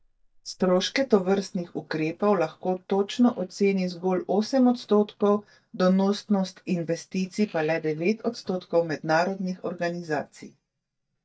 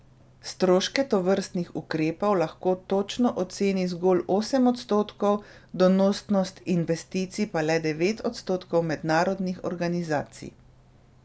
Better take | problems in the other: second | noise reduction (neural mask model DeepFilterNet 3)

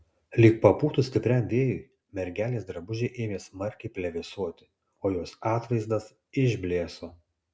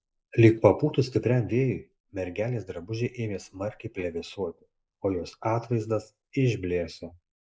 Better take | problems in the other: first | noise reduction (neural mask model Resemble Enhance denoiser)

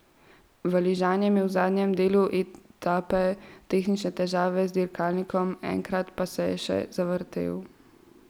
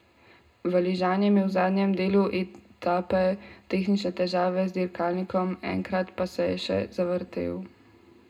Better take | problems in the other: first | room echo; dies away in 0.2 s

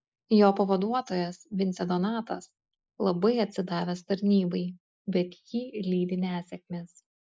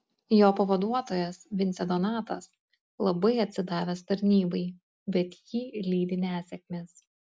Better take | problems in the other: second | noise reduction (neural mask model Resemble Enhance denoiser)

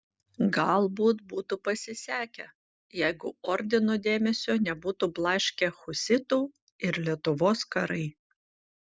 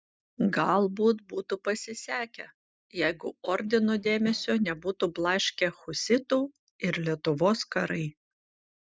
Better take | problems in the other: first | noise reduction (neural mask model DeepFilterNet 3)

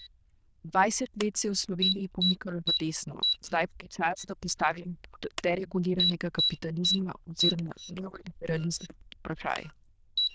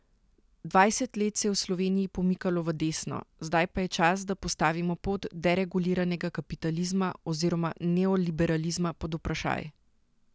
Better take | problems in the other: second | noise reduction (neural diffusion model UNIVERSE++)

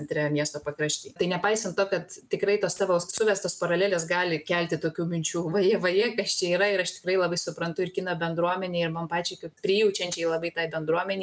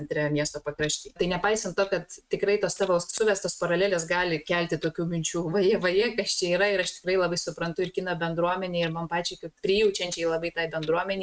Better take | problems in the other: first | noise reduction (neural mask model RNNoise)

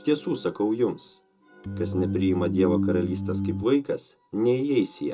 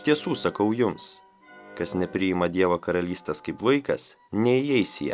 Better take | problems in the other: second | background sound (Organ); 1 dB below the speech // room echo; dies away in 0.2 s

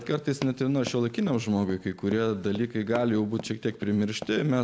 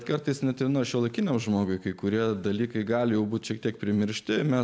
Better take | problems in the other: second | background sound (Run); 16 dB below the speech

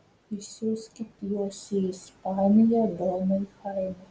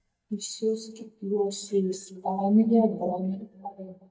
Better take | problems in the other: first | noise reduction (neural mask model DeepFilterNet 3)

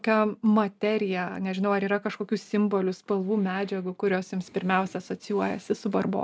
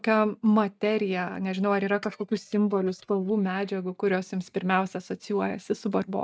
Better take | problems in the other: first | noise reduction (neural mask model DeepFilterNet 3)

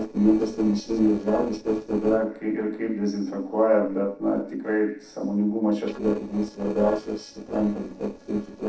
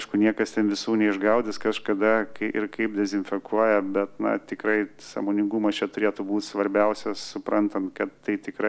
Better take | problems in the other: second | noise reduction (neural separator model SepFormer DNS4)

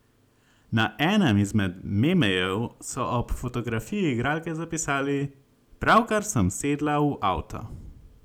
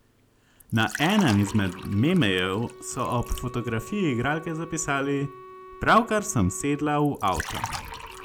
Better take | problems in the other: first | background sound (Liquid + Wind instrument, woodwind instrument); 14 dB below the speech

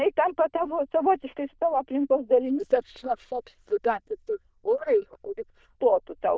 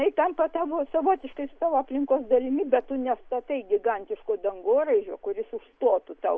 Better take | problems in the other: second | noise reduction (neural diffusion model UNIVERSE++)

